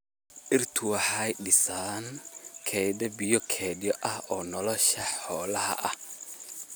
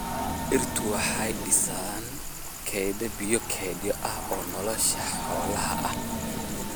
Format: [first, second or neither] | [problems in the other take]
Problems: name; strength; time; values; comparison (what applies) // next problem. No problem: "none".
first | background sound (Rain + Train); 2 dB below the speech